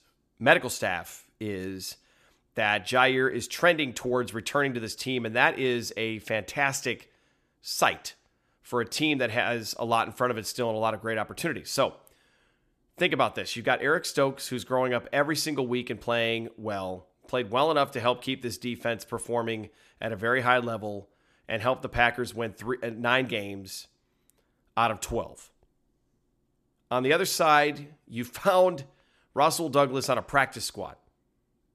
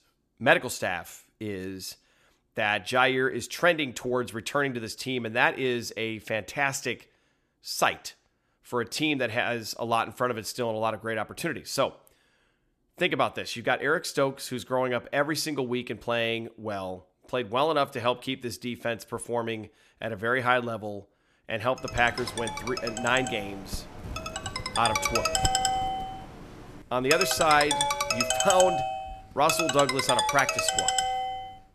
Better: first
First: none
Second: phone ringing; loud; from 22 s on; peak 4 dB above the speech

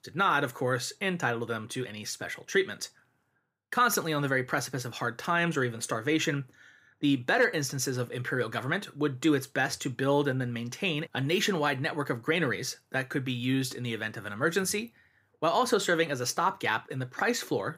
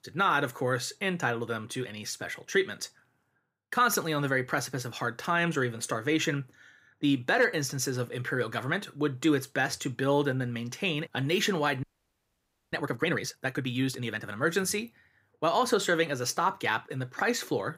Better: first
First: none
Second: audio freezing; at 12 s for 1 s

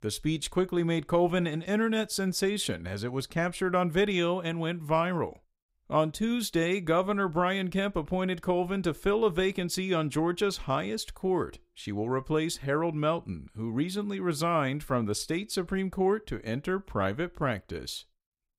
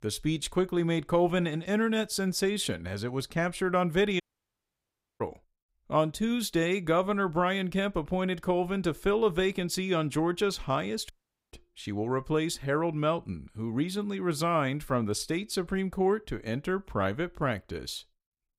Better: first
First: none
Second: audio cutting out; at 4 s for 1 s and at 11 s

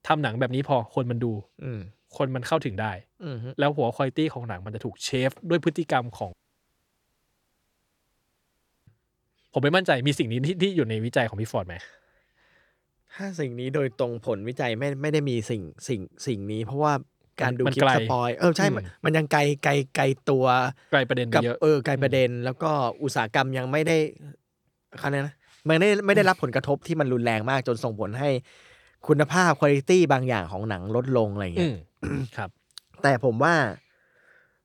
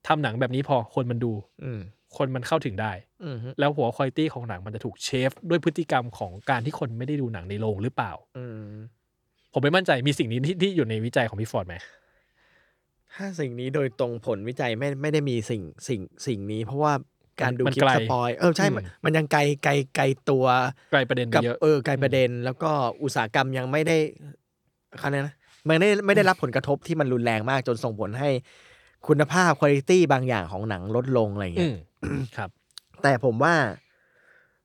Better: second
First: audio cutting out; at 6.5 s for 2.5 s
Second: none

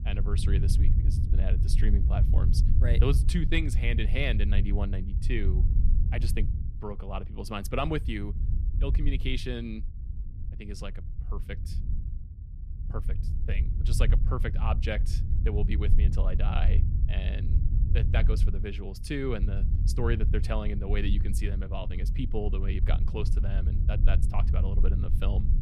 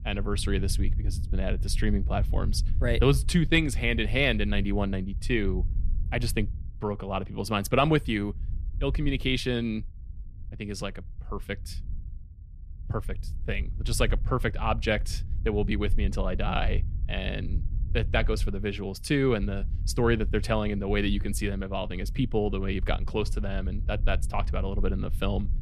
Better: second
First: low rumble; loud; throughout; 8 dB below the speech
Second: low rumble; faint; throughout; 20 dB below the speech

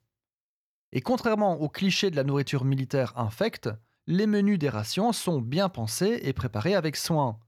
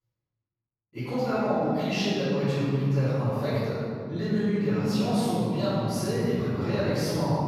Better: first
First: none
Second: off-mic speech; far // room echo; strong; dies away in 3 s

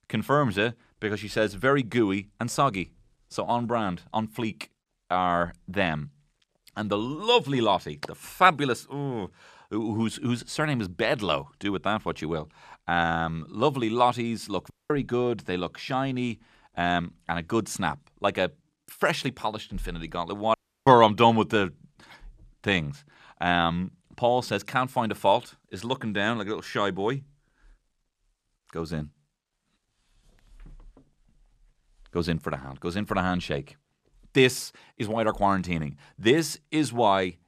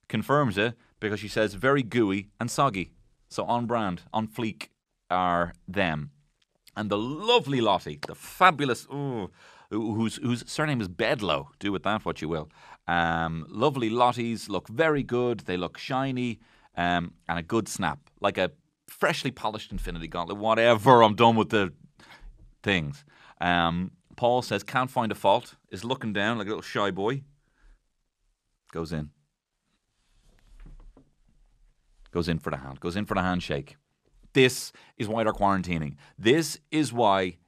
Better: second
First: audio cutting out; at 15 s and at 21 s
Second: none

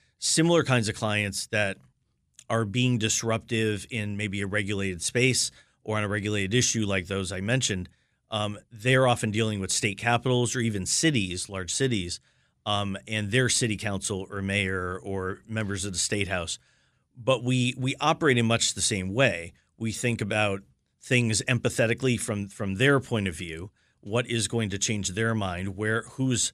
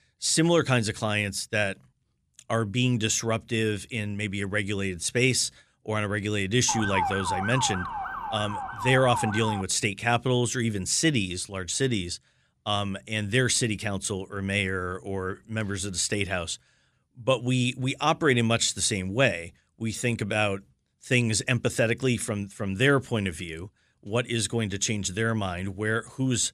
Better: first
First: none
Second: siren; noticeable; from 6.5 to 9.5 s; peak 2 dB below the speech

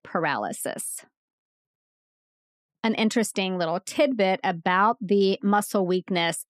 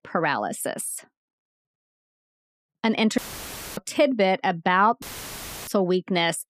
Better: first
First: none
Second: audio cutting out; filled with static; at 3 s for 0.5 s and at 5 s for 0.5 s

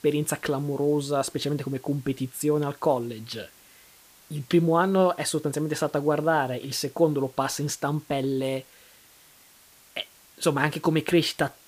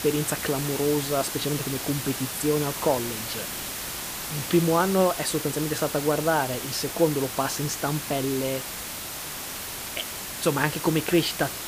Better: first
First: hiss; faint; throughout; 25 dB below the speech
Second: hiss; loud; throughout; 5 dB below the speech

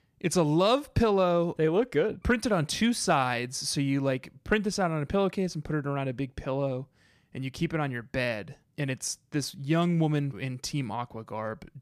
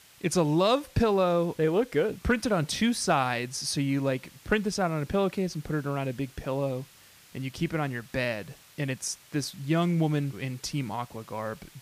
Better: first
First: none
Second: hiss; faint; throughout; 25 dB below the speech

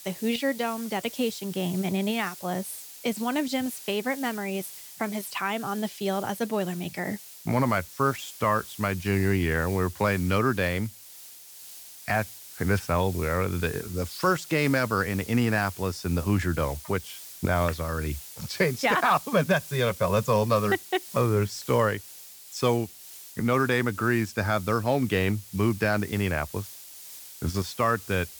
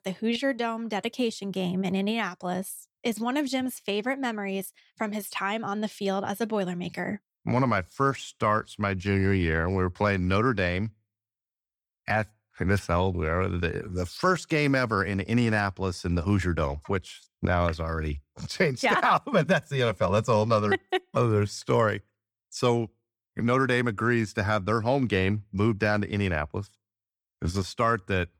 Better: second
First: hiss; noticeable; throughout; 15 dB below the speech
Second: none

